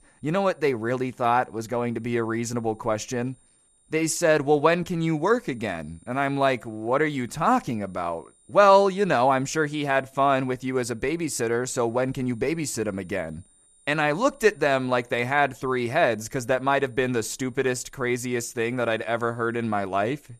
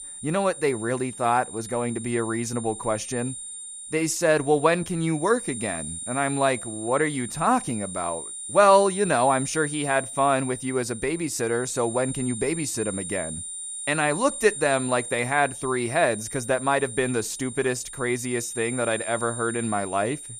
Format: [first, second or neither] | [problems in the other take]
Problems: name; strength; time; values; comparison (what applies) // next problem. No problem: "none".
first | high-pitched whine; loud; throughout; 9 kHz, 9 dB below the speech; faint in the first